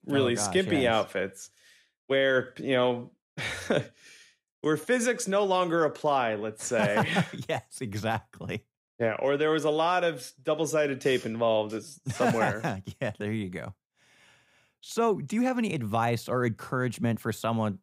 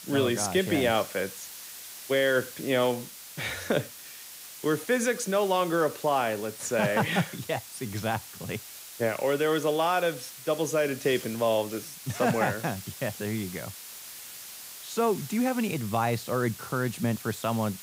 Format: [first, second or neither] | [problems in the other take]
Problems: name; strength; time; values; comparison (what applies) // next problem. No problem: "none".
first | hiss; noticeable; throughout; 15 dB below the speech